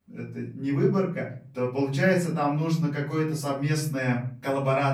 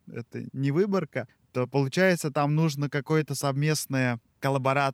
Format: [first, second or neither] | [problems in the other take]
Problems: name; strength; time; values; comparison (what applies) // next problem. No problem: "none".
second | off-mic speech; far // room echo; slight; dies away in 0.5 s